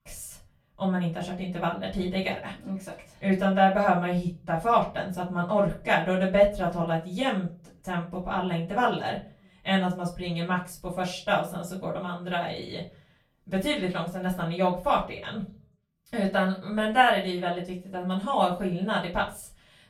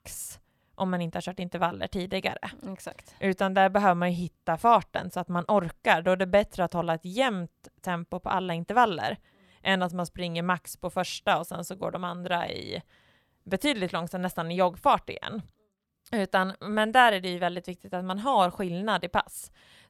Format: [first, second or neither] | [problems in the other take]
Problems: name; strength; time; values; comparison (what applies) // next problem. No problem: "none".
second | off-mic speech; far // room echo; slight; dies away in 0.3 s